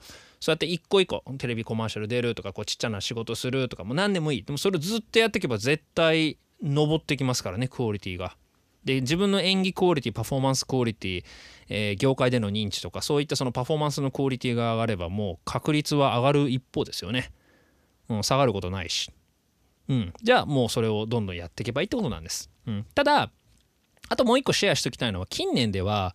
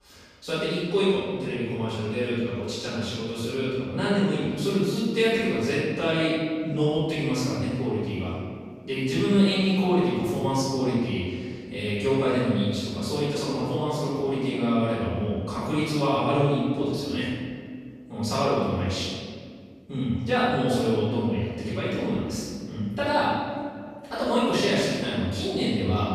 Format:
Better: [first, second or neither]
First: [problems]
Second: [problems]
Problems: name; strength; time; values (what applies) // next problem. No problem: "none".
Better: first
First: none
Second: room echo; strong; dies away in 2 s // off-mic speech; far